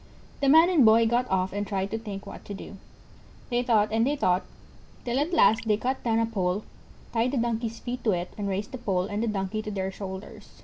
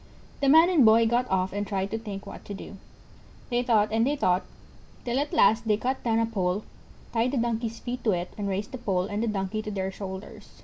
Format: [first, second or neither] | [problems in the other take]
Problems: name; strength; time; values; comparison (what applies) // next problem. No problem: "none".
second | background sound (Gurgling); 10 dB below the speech